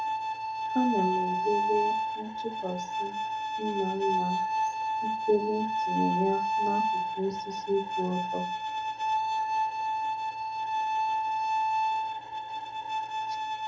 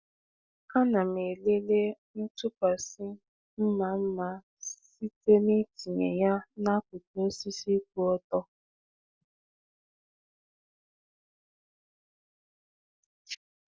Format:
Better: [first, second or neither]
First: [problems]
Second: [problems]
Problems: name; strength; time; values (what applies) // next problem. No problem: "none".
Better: second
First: background sound (Bowed string instrument); 4 dB above the speech // room echo; dies away in 0.4 s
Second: none